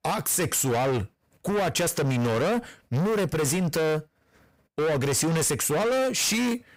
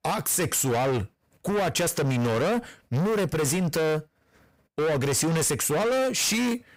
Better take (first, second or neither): neither